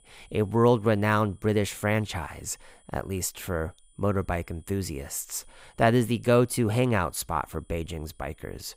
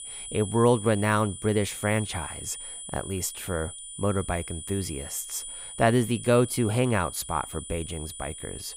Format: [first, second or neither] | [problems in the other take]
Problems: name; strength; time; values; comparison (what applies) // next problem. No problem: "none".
first | high-pitched whine; loud; throughout; 9.5 kHz, 10 dB below the speech; faint in the first